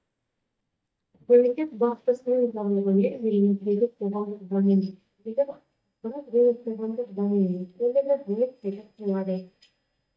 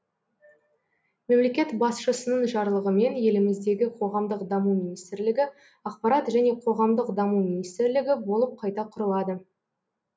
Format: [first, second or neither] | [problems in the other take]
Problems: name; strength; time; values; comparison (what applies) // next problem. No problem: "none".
second | noise reduction (neural mask model DeepFilterNet 3)